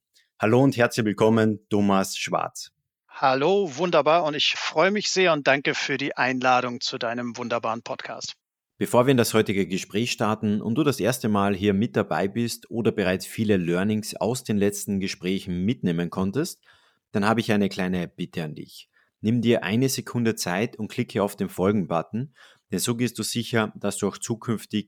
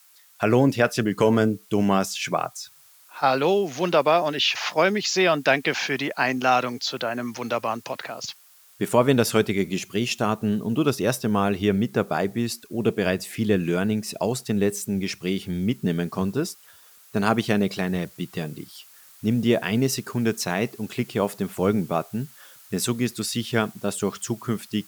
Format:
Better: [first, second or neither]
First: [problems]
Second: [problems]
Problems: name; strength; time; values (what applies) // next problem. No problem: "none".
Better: first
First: none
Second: hiss; faint; throughout; 25 dB below the speech